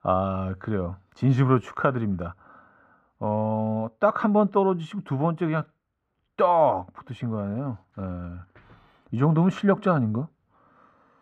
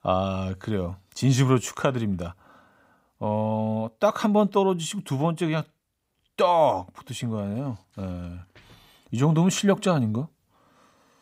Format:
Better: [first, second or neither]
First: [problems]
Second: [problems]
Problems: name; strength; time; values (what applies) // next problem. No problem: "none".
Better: second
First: muffled; very; fading above 3.5 kHz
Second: none